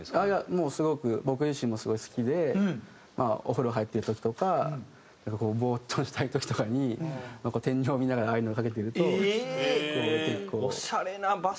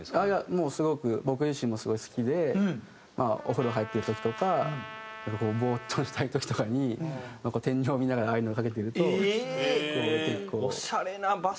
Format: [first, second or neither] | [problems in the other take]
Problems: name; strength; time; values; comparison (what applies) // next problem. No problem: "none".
first | background sound (Trumpet); 14 dB below the speech